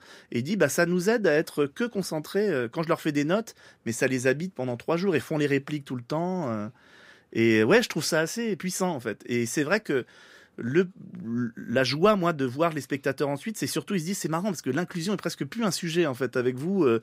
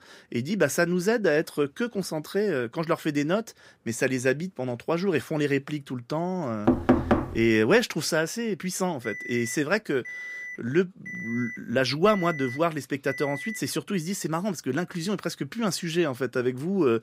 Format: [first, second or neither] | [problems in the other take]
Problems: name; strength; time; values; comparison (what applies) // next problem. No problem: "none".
first | door banging; loud; at 6.5 s; peak 4 dB above the speech // alarm; noticeable; from 9 to 14 s; peak 8 dB below the speech